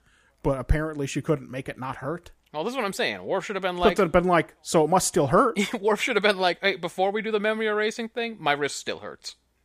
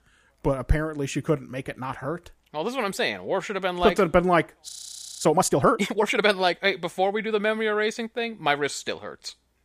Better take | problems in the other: first | audio freezing; at 4.5 s for 0.5 s

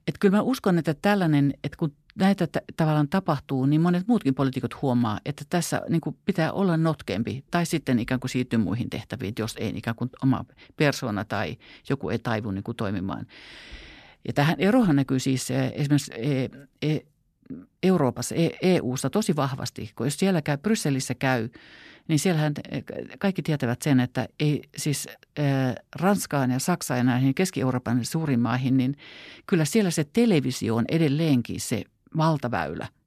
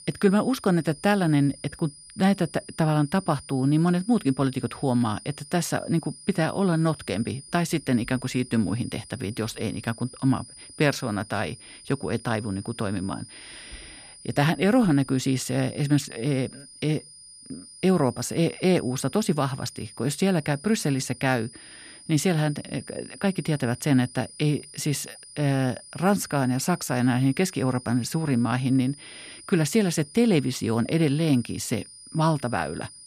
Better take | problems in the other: first | high-pitched whine; noticeable; throughout; 9.5 kHz, 20 dB below the speech

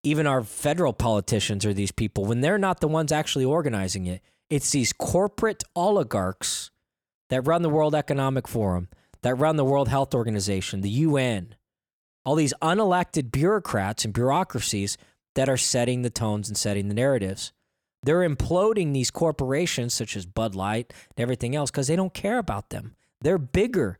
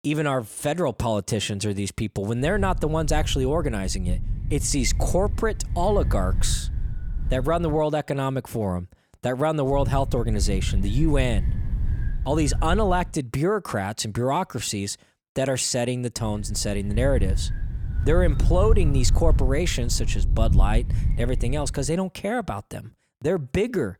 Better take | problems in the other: first | wind noise on the microphone; occasional gusts; from 2.5 to 8 s, from 9.5 to 13 s and from 16 to 22 s; 15 dB below the speech

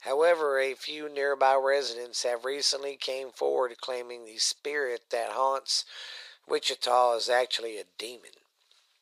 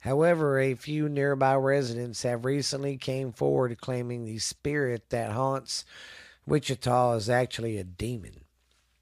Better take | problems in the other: second | thin; very; fading below 450 Hz

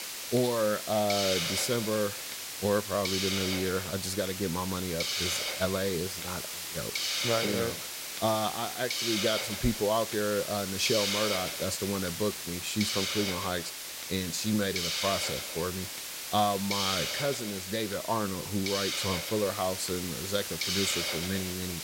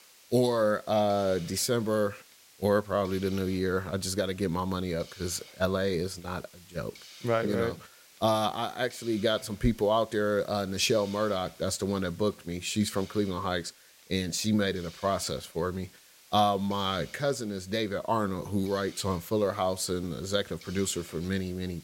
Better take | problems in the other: second | hiss; loud; throughout; 1 dB below the speech; faint in the second

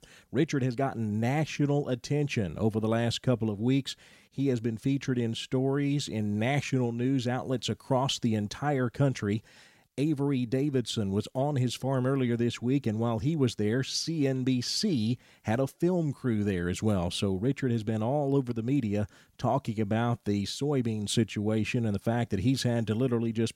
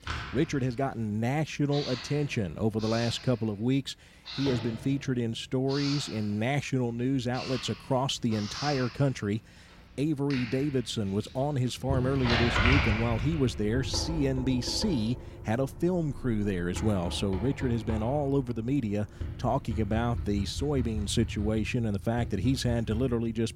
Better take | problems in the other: first | household noises; loud; throughout; 6 dB below the speech

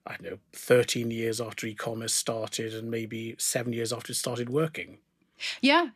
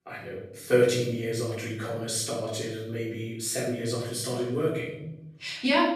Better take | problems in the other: first | off-mic speech; far // room echo; noticeable; dies away in 0.9 s

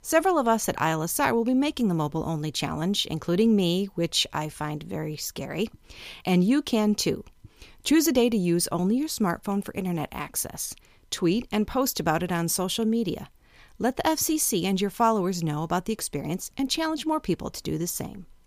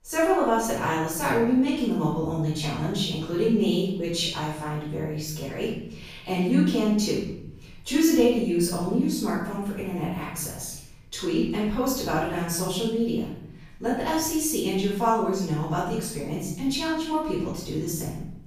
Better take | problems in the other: first | off-mic speech; far // room echo; noticeable; dies away in 0.8 s

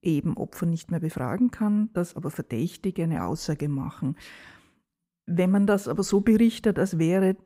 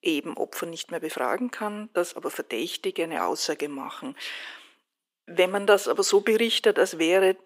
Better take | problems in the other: first | thin; very; fading below 350 Hz

